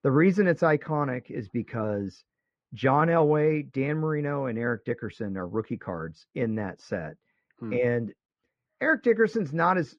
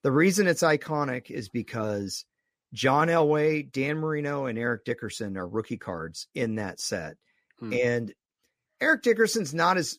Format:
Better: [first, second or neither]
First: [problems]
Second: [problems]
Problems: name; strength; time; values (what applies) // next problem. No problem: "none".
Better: second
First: muffled; very; fading above 2 kHz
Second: none